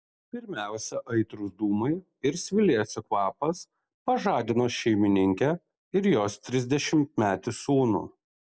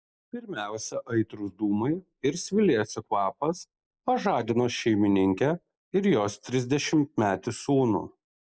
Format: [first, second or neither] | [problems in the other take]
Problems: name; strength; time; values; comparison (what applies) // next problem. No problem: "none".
first | noise reduction (neural mask model Resemble Enhance denoiser)